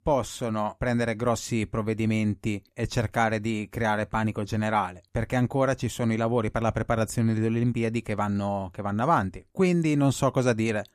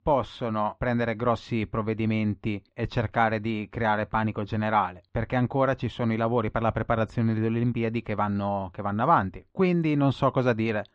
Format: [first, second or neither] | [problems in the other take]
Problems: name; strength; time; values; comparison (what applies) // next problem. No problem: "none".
first | muffled; slightly; fading above 4 kHz